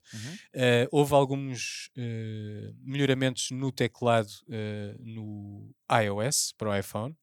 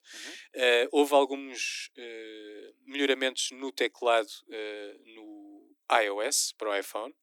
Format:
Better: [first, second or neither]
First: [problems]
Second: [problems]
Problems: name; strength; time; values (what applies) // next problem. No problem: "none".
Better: first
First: none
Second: thin; somewhat; fading below 300 Hz